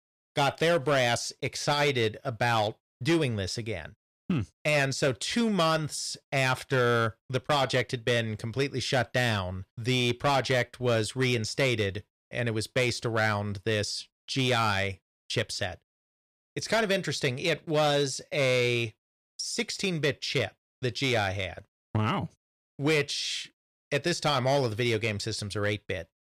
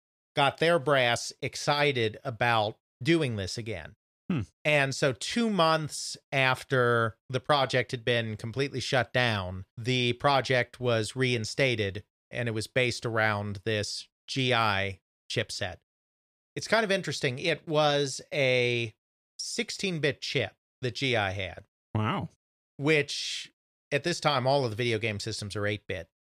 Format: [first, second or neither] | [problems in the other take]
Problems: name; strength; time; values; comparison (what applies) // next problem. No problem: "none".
second | distortion; slight; 5% of the sound clipped